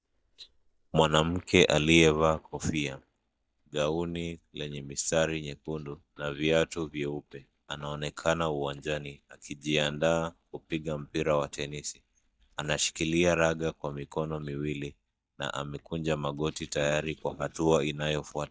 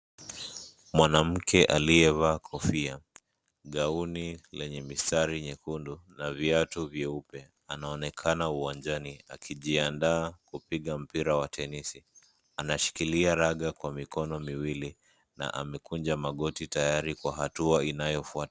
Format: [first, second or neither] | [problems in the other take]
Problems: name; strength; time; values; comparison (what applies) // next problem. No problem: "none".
second | noise reduction (neural mask model DeepFilterNet 3)